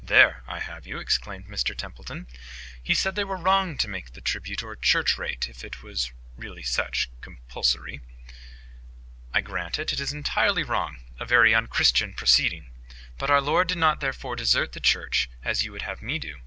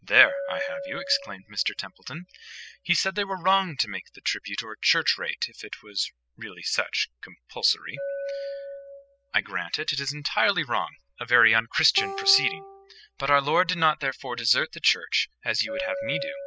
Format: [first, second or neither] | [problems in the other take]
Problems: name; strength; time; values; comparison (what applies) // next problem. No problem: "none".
first | noise reduction (classical method spectral subtraction)